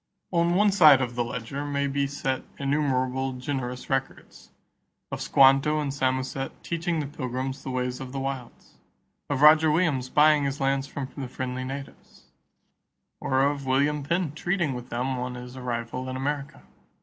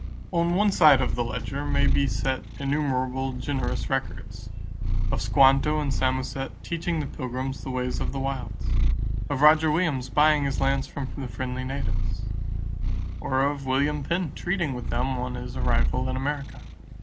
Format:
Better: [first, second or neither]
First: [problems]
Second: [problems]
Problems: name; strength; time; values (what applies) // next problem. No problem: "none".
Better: first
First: none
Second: background sound (Purr); as loud as the speech